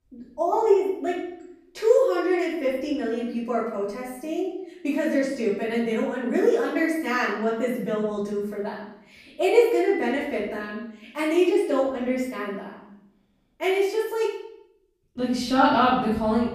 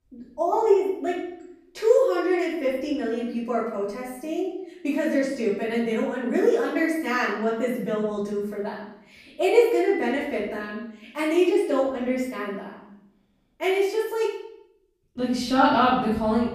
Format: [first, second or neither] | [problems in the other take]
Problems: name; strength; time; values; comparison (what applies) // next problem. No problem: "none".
neither | off-mic speech; far; the same in both // room echo; noticeable; dies away in 0.8 s; the same in both